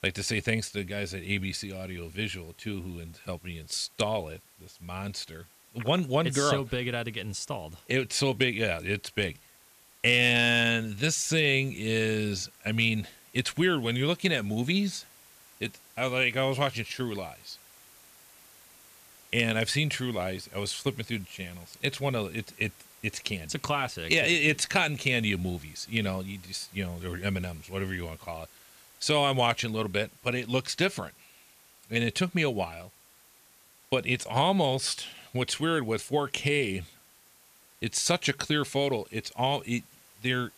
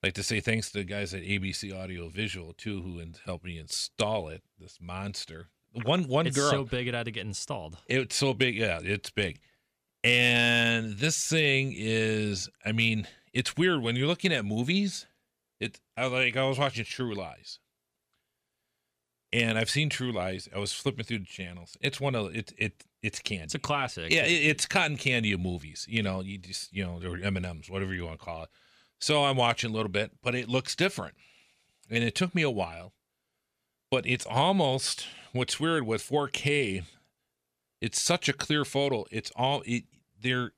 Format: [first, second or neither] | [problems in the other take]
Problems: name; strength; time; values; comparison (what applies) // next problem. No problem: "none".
second | hiss; faint; throughout; 25 dB below the speech